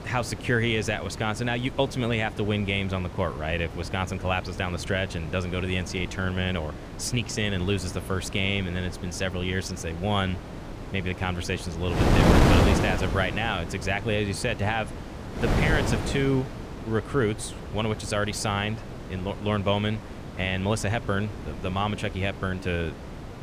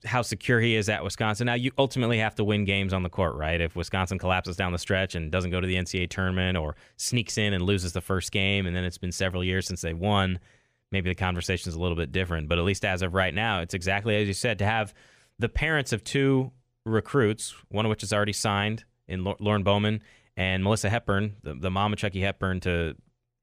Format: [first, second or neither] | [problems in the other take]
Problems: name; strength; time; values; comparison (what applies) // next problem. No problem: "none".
second | wind noise on the microphone; heavy; 6 dB below the speech